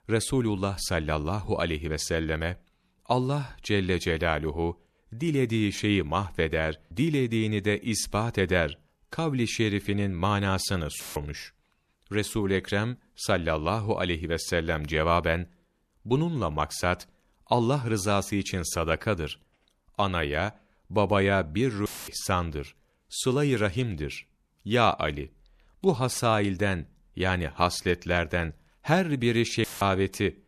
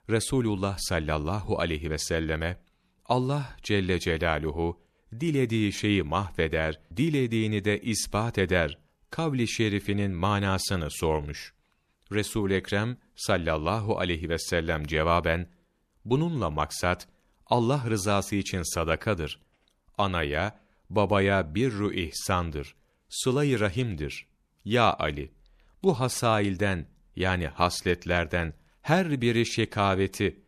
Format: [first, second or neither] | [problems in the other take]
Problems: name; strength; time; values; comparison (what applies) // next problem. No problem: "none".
second | audio cutting out; filled with static; at 11 s, at 22 s and at 30 s